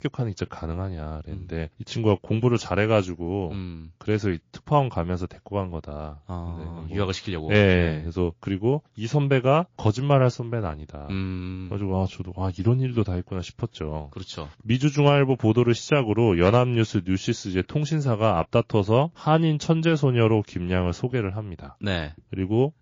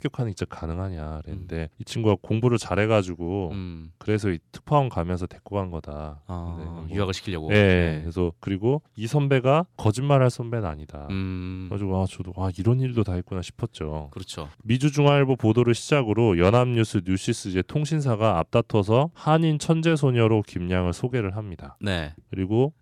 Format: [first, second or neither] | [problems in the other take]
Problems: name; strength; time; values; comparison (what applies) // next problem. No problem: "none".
second | garbled, watery; slightly